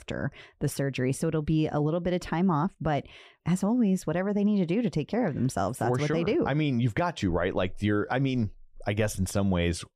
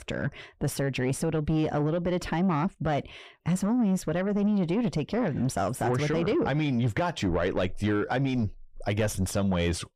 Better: first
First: none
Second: distortion; slight; 10 dB below the speech

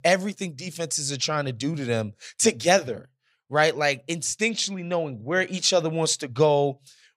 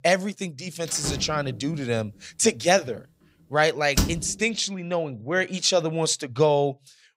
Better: first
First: none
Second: door banging; noticeable; from 1 to 4 s; peak 1 dB below the speech

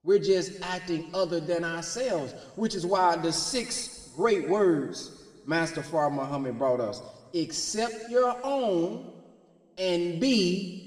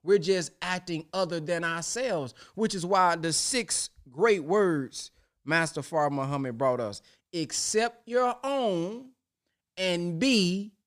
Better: second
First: room echo; slight; dies away in 1.6 s // off-mic speech; somewhat distant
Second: none

